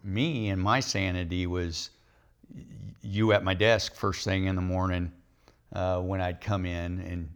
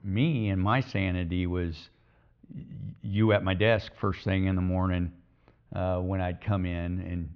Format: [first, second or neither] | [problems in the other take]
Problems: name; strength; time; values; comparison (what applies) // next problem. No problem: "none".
first | muffled; slightly; fading above 3 kHz